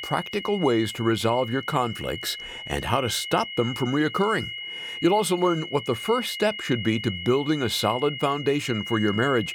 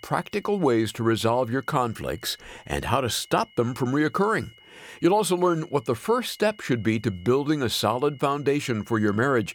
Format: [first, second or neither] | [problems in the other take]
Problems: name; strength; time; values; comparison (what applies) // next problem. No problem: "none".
second | high-pitched whine; loud; throughout; 3 kHz, 9 dB below the speech; faint in the second